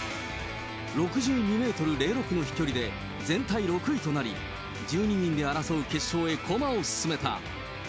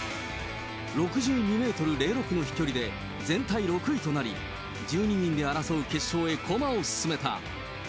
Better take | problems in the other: second | background sound (Bowed string instrument); 16 dB below the speech

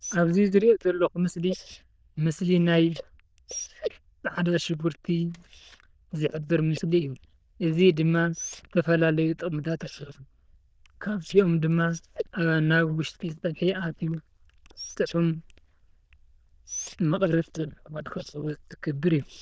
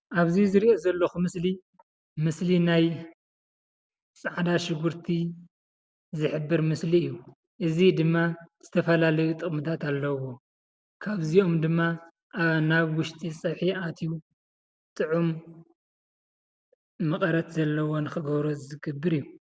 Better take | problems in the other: second | noise reduction (neural diffusion model UNIVERSE++)

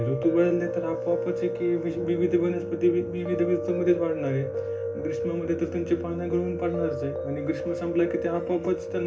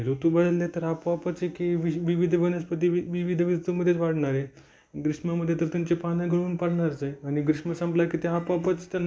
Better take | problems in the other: second | background sound (Piano); 5 dB below the speech // room echo; dies away in 0.4 s

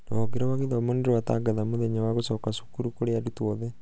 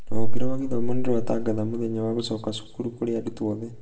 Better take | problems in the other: first | room echo; dies away in 0.6 s

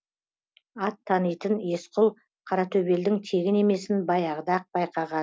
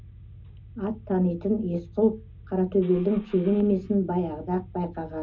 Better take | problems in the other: first | background sound (Engine starting / Car); 19 dB below the speech // room echo; dies away in 0.4 s

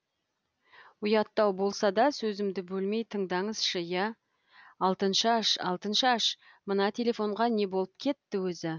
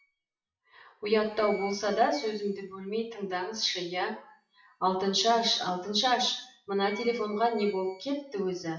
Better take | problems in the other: first | noise reduction (classical method WPE with log-MMSE)

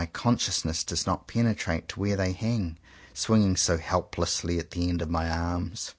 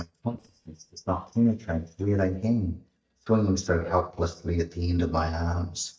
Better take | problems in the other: first | noise reduction (neural mask model DeepFilterNet 3)

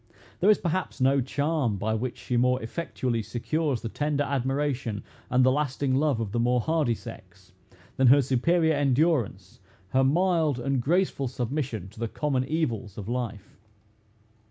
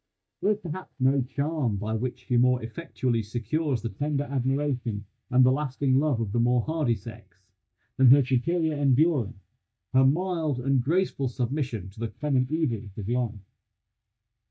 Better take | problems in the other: first | noise reduction (neural mask model DeepFilterNet 3)

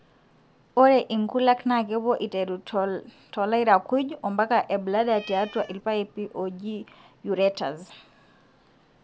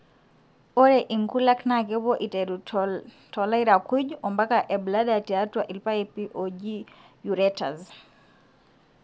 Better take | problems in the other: second | background sound (Cat); 19 dB below the speech

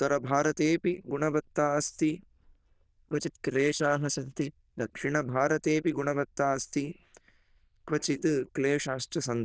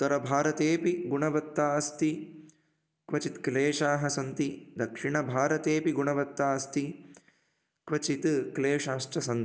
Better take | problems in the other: second | noise reduction (neural diffusion model UNIVERSE++)

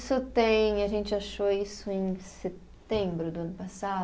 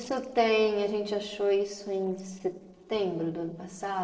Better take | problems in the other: first | noise reduction (neural separator model SepFormer DNS4)

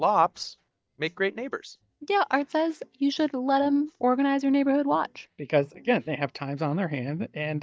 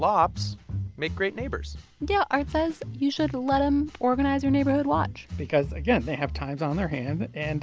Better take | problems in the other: second | noise reduction (neural mask model DeepFilterNet 3)

